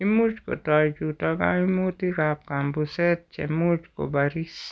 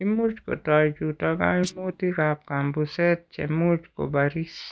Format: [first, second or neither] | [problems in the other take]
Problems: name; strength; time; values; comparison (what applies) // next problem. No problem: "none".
first | noise reduction (neural mask model DeepFilterNet 3)